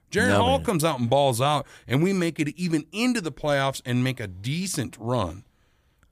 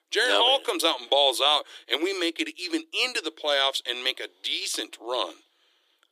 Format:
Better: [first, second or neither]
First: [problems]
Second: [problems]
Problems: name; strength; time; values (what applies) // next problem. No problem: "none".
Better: first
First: none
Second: thin; very; fading below 300 Hz